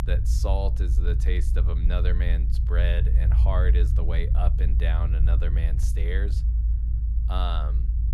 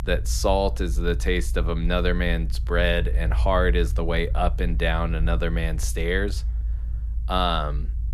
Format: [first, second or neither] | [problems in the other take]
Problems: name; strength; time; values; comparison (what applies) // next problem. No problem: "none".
second | low rumble; loud; throughout; 7 dB below the speech; faint in the second